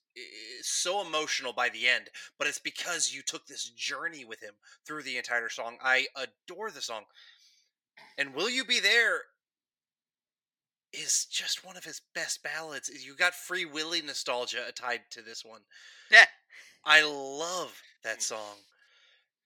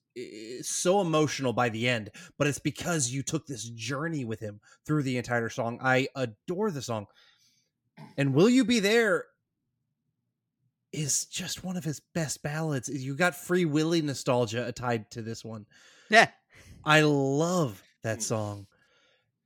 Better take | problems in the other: second | thin; very; fading below 600 Hz

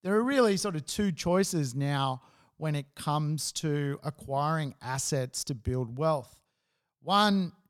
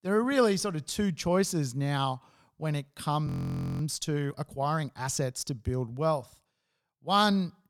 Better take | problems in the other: first | audio freezing; at 3.5 s for 0.5 s

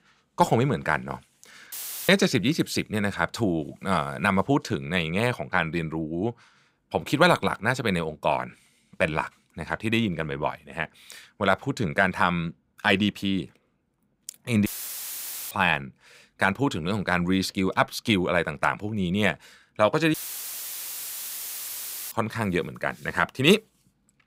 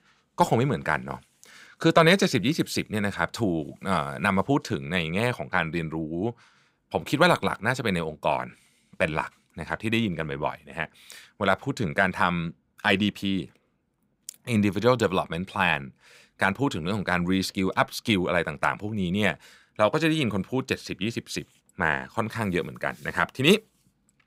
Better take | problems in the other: second | audio cutting out; filled with static; at 1.5 s, at 15 s for 1 s and at 20 s for 2 s

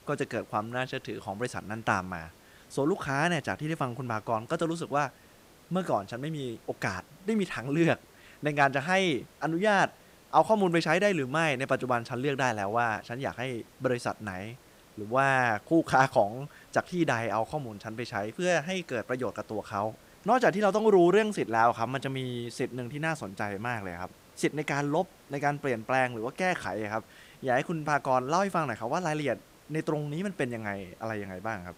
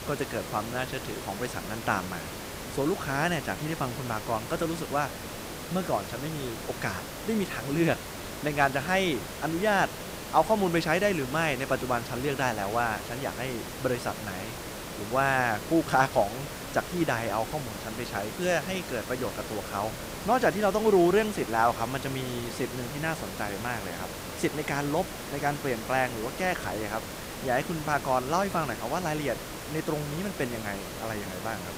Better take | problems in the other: first | hiss; loud; throughout; 8 dB below the speech; faint in the first

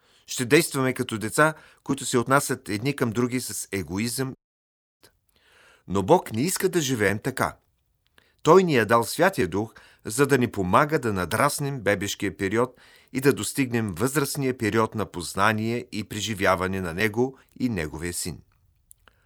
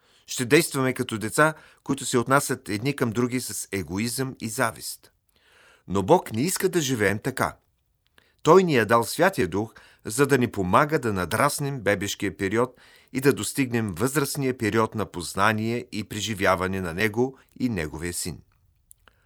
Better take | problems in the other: second | audio cutting out; at 4.5 s for 0.5 s

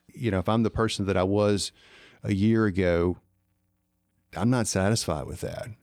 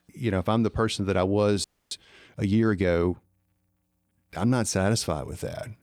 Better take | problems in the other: first | audio freezing; at 1.5 s

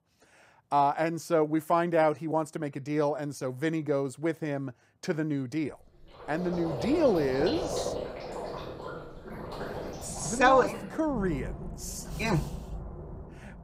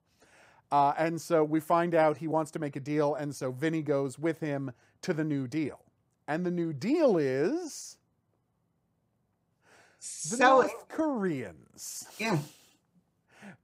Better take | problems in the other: second | rain or running water; loud; from 6 s on; 9 dB below the speech

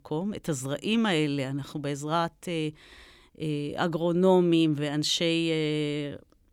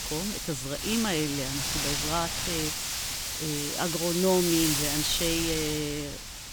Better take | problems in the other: first | wind noise on the microphone; heavy; 1 dB above the speech

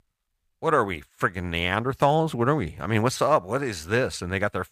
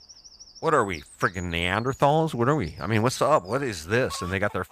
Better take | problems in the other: first | animal sounds; faint; throughout; 20 dB below the speech

